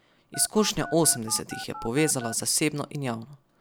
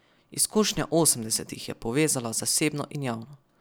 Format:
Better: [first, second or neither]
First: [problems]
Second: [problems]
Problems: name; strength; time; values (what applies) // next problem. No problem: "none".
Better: second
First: background sound (Telephone); 13 dB below the speech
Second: none